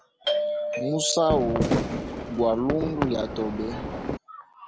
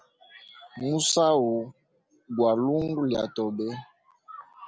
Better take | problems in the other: second | background sound (Doorbell + Fireworks); 1 dB below the speech

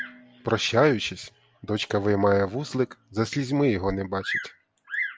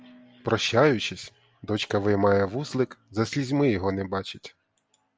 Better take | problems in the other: second | background sound (Bird vocalization, bird call, bird song); 13 dB below the speech

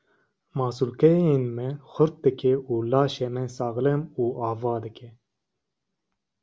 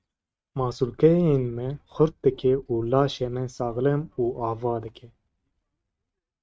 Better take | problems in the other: first | noise reduction (neural mask model RNNoise)

